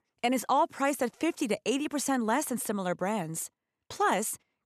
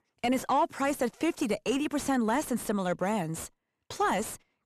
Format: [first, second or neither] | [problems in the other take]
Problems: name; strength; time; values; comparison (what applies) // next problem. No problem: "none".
first | distortion; slight; 10 dB below the speech